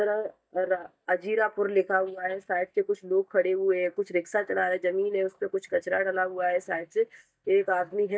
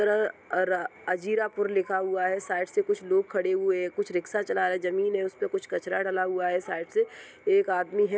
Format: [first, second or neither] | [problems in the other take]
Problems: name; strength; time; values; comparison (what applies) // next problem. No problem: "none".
second | noise reduction (neural mask model DeepFilterNet 3)